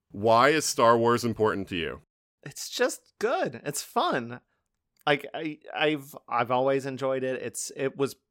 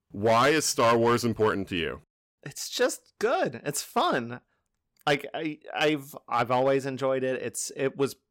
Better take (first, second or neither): first